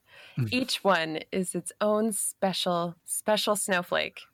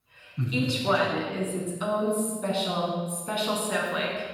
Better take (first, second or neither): first